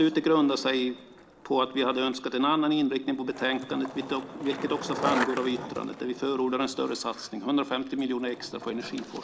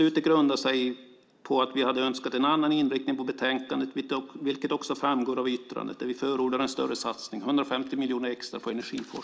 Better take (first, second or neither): second